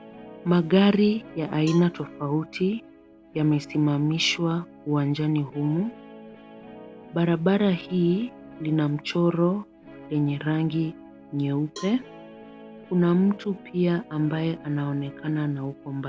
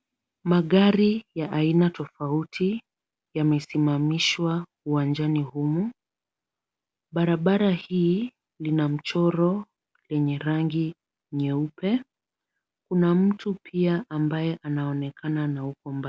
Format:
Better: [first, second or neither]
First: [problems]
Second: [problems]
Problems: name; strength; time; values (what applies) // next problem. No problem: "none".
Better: second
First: background sound (Cowbell + Guitar); 19 dB below the speech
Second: none